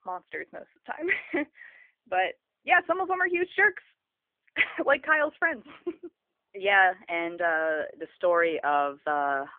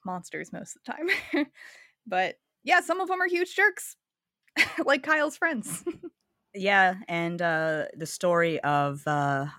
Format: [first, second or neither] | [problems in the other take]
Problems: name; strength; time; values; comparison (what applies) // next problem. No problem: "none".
second | phone-call audio